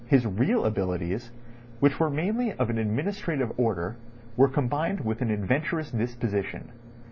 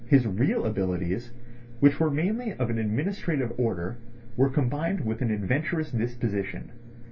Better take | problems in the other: first | room echo; dies away in 0.1 s

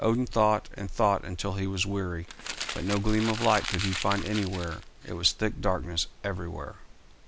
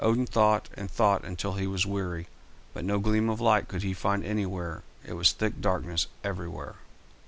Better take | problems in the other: second | background sound (Crumpling, crinkling); 8 dB below the speech

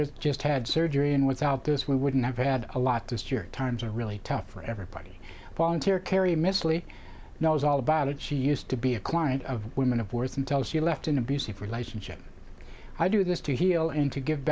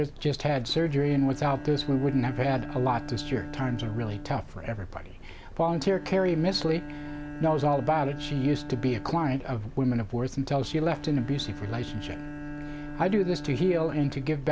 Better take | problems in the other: first | background sound (Bowed string instrument); 13 dB below the speech

